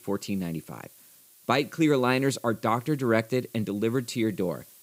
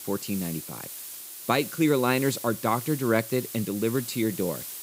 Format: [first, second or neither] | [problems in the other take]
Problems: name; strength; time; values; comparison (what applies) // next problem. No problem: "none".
first | hiss; loud; throughout; 9 dB below the speech; faint in the first